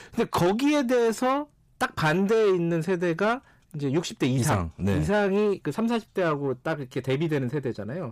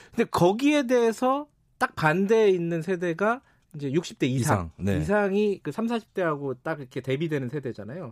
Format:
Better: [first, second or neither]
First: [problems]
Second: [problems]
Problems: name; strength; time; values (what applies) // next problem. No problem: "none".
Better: second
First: distortion; slight; 10 dB below the speech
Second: none